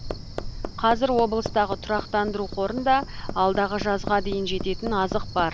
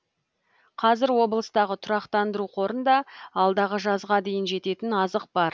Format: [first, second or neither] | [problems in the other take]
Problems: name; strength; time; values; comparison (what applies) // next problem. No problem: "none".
second | background sound (Hammer + Cricket); 8 dB below the speech